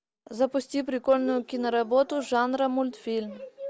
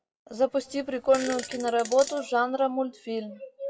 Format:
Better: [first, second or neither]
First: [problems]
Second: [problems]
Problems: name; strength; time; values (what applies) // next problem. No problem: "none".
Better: first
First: none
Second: noise reduction (classical method WPE with log-MMSE)